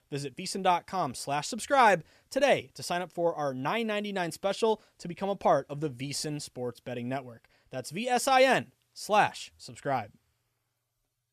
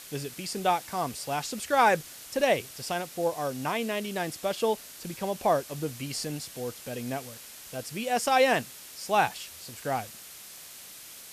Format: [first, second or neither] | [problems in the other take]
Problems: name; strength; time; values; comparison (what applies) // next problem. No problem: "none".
first | hiss; noticeable; throughout; 15 dB below the speech